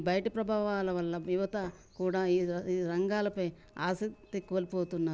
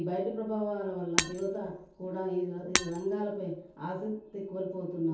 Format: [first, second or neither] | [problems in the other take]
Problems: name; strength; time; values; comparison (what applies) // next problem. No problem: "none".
first | background sound (Shatter); 3 dB below the speech // room echo; dies away in 0.6 s